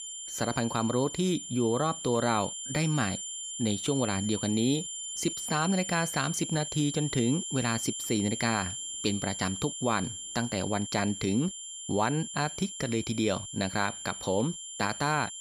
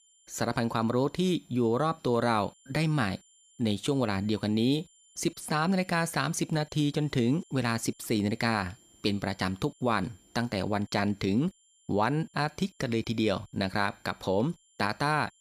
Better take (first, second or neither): second